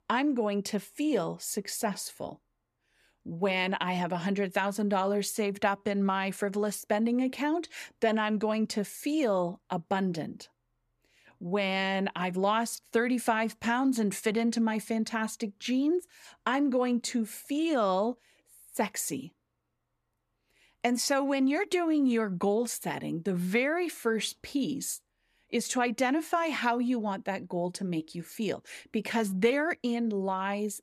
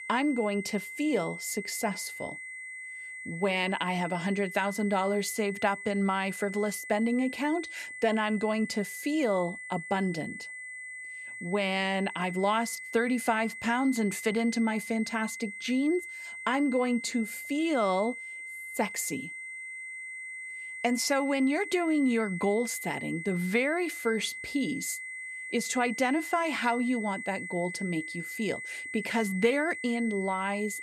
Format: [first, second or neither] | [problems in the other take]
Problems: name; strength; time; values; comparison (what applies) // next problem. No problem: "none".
first | high-pitched whine; loud; throughout; 2 kHz, 9 dB below the speech